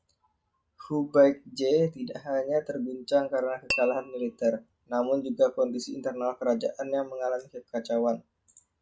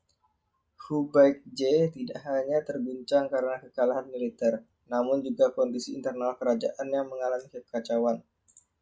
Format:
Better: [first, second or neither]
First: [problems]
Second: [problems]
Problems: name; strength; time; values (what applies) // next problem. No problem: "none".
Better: second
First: background sound (Tap / Glass); 8 dB below the speech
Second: none